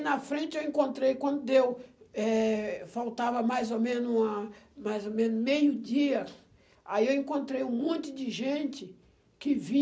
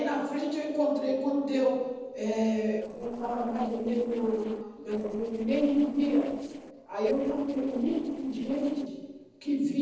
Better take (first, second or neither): first